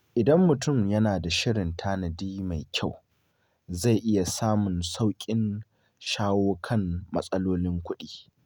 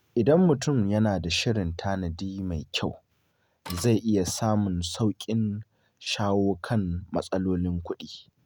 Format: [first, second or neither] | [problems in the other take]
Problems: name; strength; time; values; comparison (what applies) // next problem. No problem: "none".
first | background sound (Printer); 13 dB below the speech